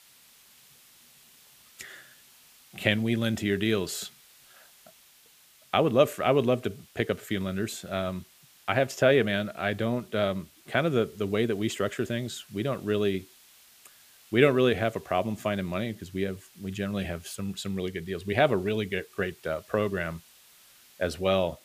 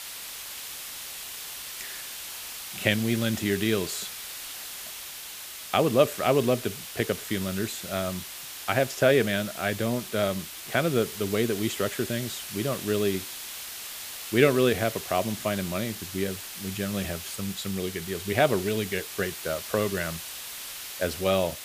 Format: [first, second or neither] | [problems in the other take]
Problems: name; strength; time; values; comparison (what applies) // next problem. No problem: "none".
first | hiss; loud; throughout; 8 dB below the speech; faint in the first